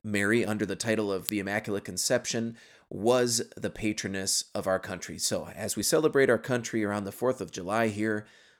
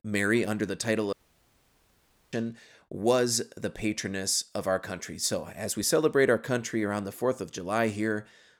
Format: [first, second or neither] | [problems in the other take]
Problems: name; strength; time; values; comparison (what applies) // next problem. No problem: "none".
first | audio cutting out; at 1 s for 1 s